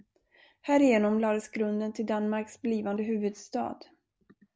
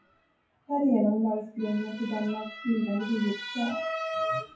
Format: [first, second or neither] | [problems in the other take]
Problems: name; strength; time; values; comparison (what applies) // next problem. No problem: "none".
first | noise reduction (classical method WPE with log-MMSE)